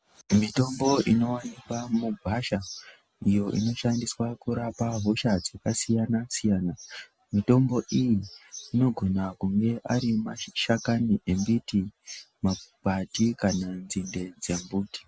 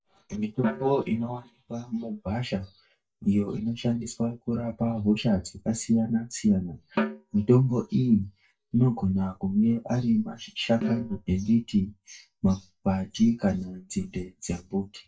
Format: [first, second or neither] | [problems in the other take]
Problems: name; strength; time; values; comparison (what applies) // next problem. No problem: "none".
first | noise reduction (neural mask model DeepFilterNet 3)